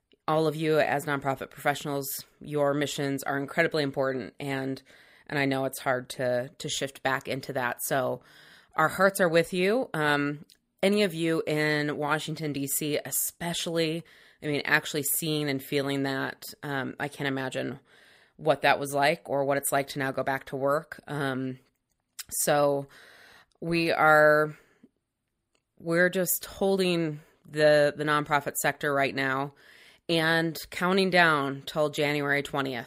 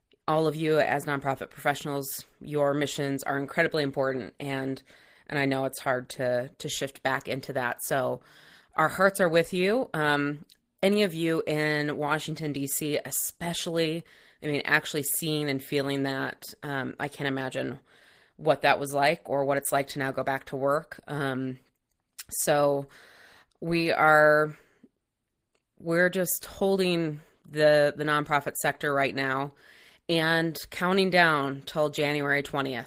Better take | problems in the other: first | garbled, watery; slightly; nothing above 15.5 kHz

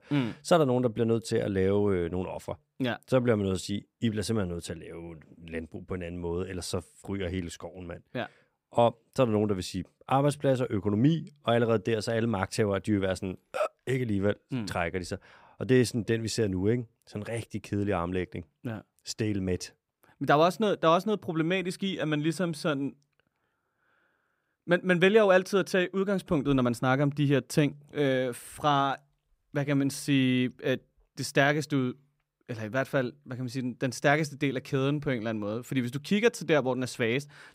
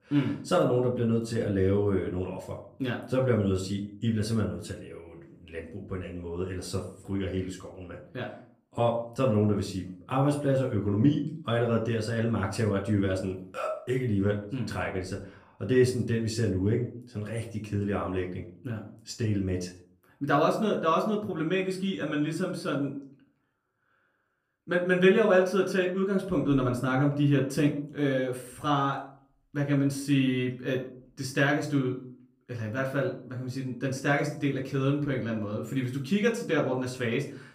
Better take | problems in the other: first | off-mic speech; far // room echo; slight; dies away in 0.4 s

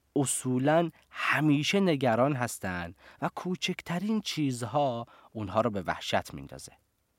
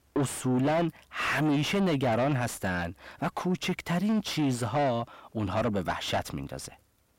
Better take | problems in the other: first | distortion; heavy; 6 dB below the speech

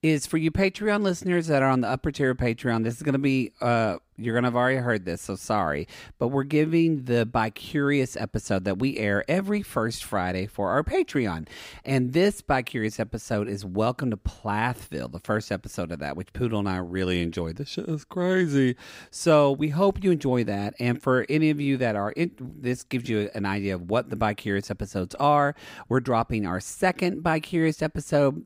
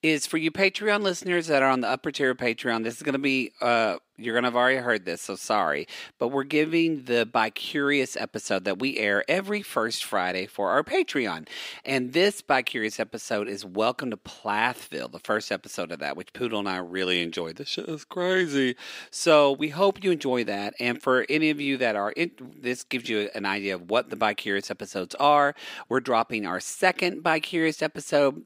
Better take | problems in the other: first | thin; very slightly; fading below 300 Hz

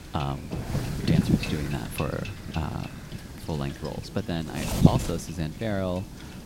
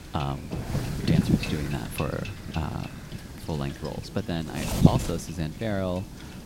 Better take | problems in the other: neither | wind noise on the microphone; heavy; 1 dB below the speech; the same in both

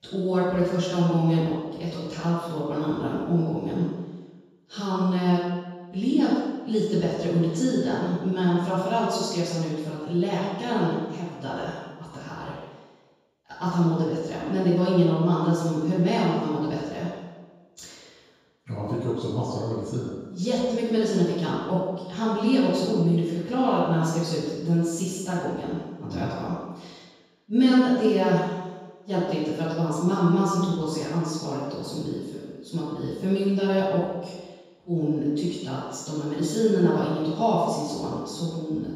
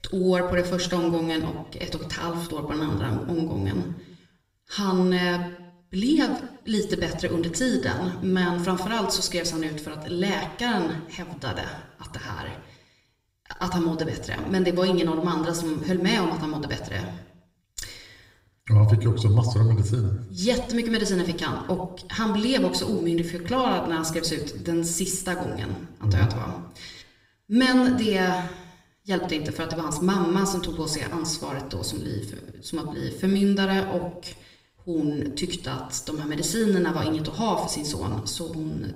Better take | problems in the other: second | room echo; strong; dies away in 1.2 s; slight in the second // off-mic speech; far; somewhat distant in the second

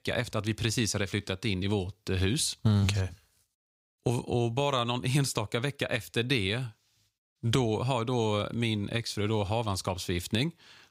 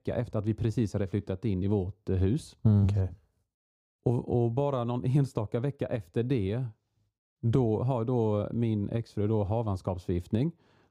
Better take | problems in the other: first | muffled; very; fading above 1 kHz

